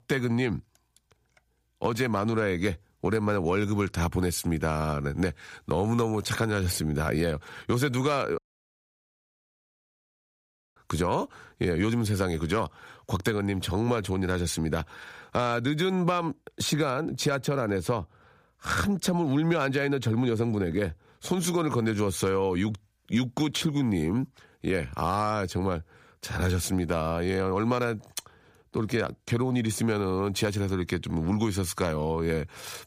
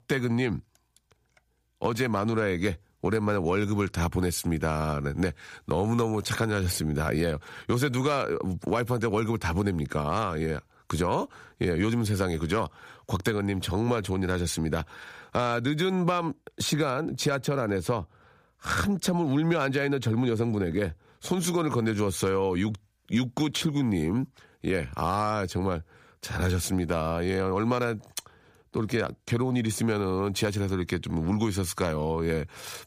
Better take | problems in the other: second | audio cutting out; at 8.5 s for 2.5 s

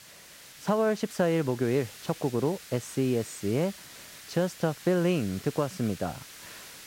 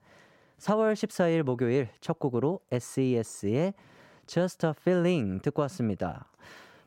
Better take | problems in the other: second | hiss; noticeable; throughout; 15 dB below the speech

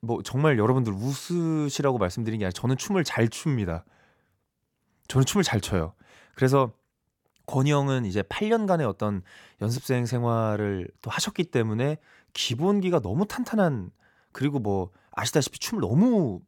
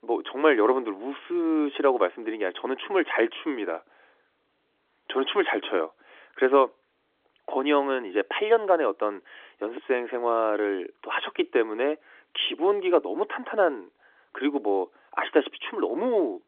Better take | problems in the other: first | phone-call audio; nothing above 3.5 kHz

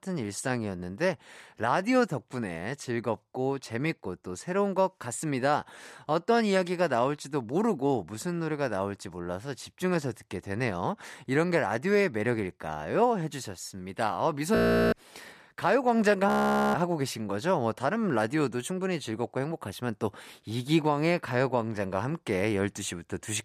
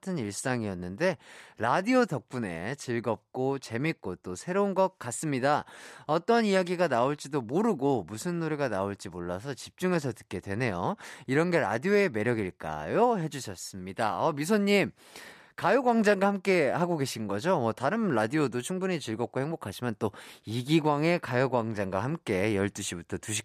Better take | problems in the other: second | audio freezing; at 15 s and at 16 s

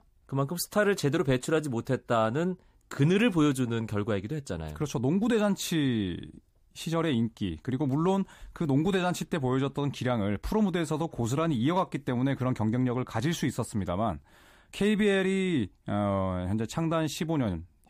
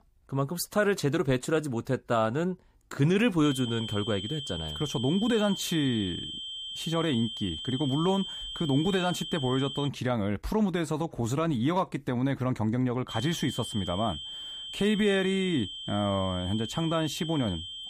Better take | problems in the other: first | high-pitched whine; loud; from 3.5 to 10 s and from 13 s on; 3 kHz, 7 dB below the speech

